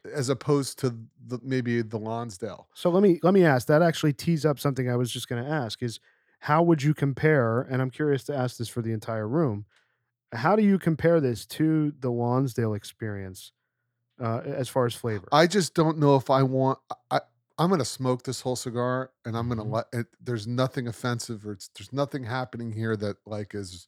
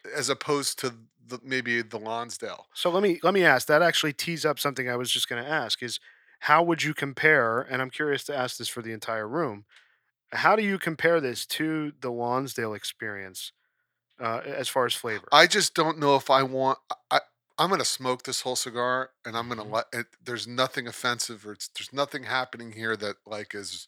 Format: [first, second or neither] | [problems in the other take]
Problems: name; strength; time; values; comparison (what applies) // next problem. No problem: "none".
first | thin; somewhat; fading below 1 kHz